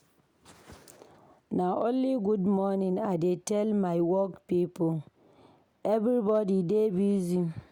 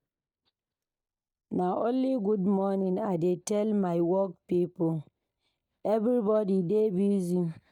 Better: first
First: none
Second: noise reduction (neural mask model DeepFilterNet 3)

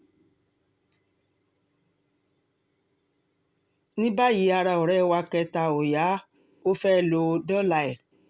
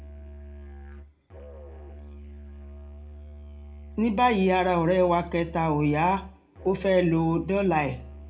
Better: first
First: none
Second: background sound (Musical instrument); 16 dB below the speech // room echo; dies away in 0.3 s

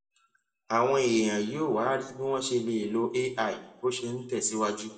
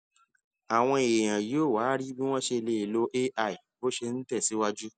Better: second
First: room echo; dies away in 0.6 s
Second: none

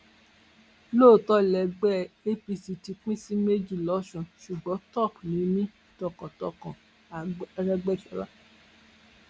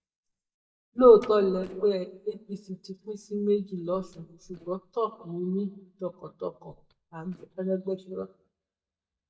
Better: first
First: none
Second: noise reduction (neural mask model DeepFilterNet 3)

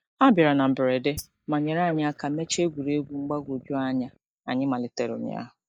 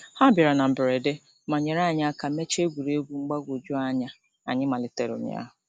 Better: second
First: noise reduction (neural mask model DeepFilterNet 3)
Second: none

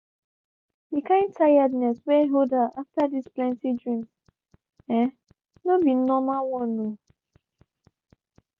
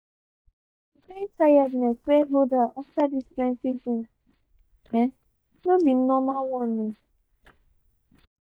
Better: first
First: none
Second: noise reduction (neural mask model DeepFilterNet 3)

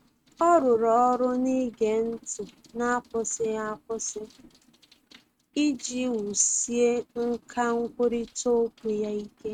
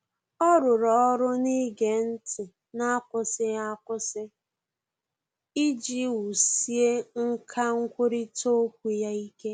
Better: second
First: noise reduction (neural mask model RNNoise)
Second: none

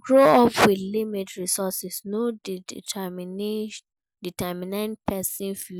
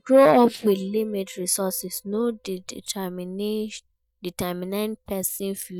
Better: first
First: none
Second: noise reduction (neural mask model DeepFilterNet 3)

